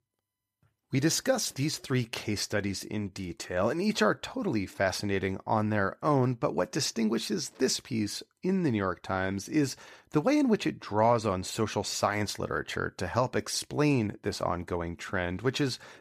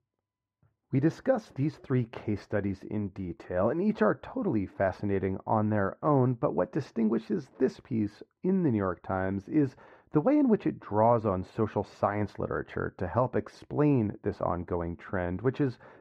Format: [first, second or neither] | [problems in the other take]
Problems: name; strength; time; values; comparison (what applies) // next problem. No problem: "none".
first | muffled; very; fading above 3 kHz